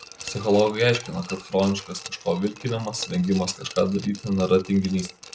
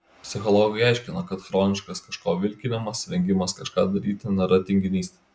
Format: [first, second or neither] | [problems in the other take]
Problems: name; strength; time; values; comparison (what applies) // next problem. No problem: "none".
second | background sound (Glass); 16 dB below the speech